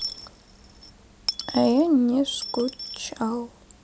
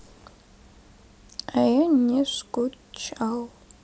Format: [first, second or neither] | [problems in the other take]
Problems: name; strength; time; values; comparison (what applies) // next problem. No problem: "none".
second | background sound (Coin (dropping) / Dishes, pots, and pans); 12 dB below the speech